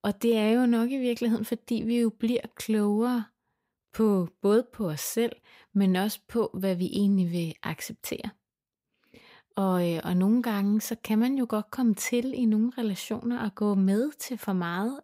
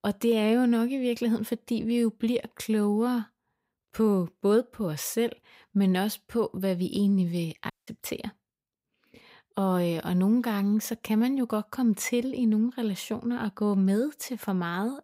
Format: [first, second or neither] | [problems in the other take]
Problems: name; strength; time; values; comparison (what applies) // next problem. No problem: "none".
first | audio cutting out; at 7.5 s